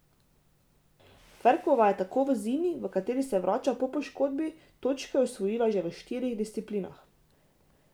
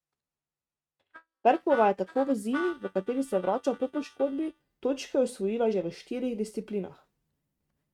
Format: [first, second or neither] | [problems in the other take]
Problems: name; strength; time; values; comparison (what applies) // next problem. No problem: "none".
first | noise reduction (neural mask model RNNoise)